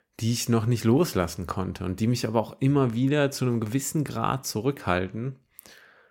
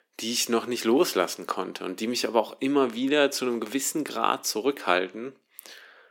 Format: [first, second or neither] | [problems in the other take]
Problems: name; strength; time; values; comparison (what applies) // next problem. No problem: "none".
first | thin; somewhat; fading below 300 Hz